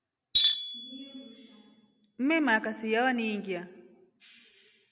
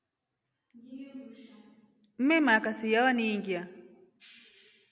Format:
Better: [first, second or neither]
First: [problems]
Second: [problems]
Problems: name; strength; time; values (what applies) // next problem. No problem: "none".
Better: second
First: background sound (Tools); 1 dB below the speech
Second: none